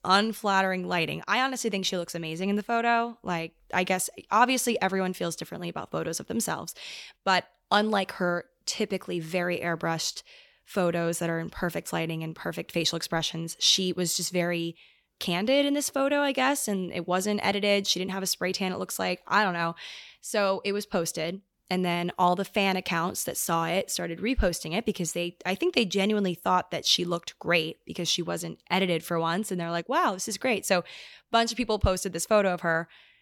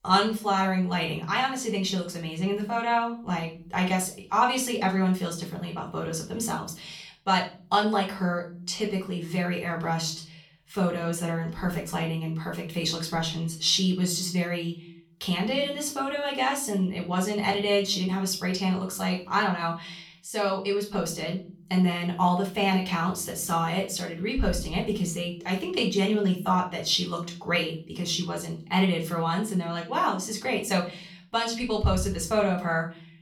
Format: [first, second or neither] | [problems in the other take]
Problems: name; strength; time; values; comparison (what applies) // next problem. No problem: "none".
first | off-mic speech; far // room echo; slight; dies away in 0.5 s